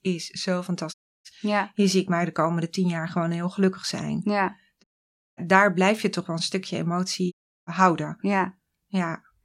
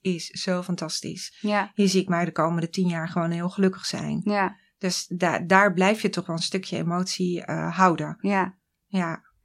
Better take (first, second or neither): second